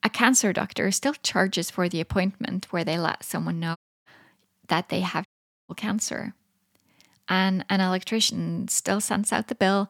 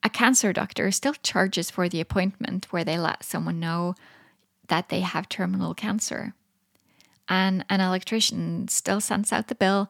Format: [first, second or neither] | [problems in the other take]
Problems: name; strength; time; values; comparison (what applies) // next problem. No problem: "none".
second | audio cutting out; at 4 s and at 5.5 s